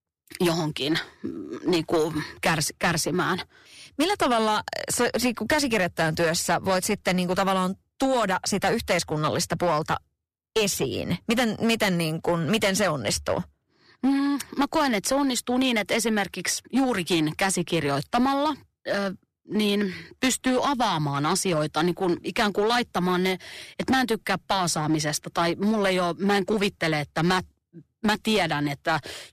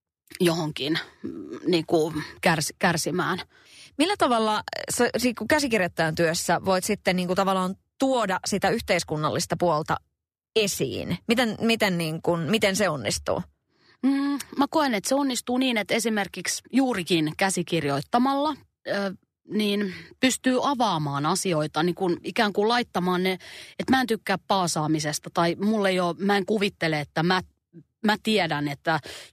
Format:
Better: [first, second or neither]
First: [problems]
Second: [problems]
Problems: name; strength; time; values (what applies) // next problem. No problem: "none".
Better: second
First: distortion; slight; 9% of the sound clipped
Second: none